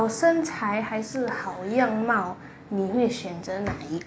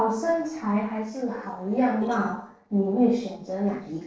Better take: first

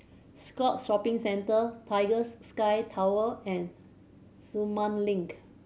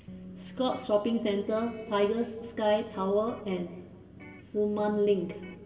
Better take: first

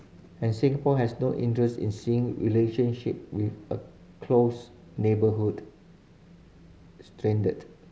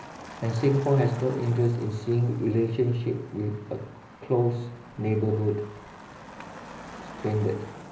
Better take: first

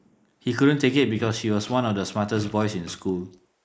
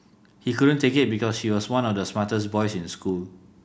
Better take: second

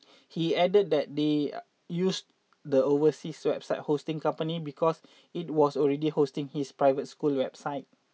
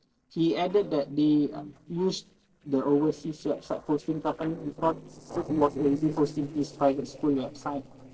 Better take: first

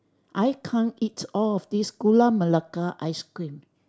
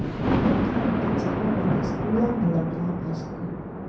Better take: first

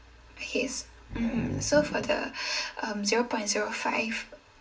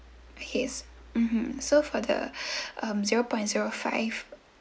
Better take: second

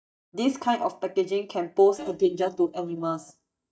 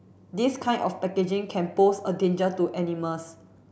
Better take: second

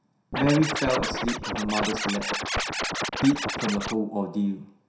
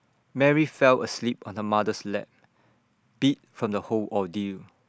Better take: second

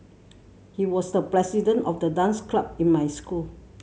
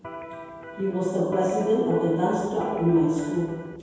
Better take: first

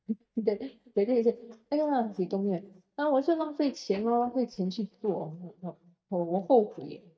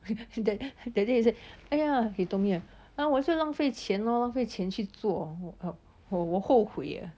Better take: second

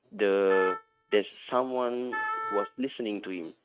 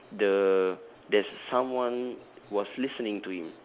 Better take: second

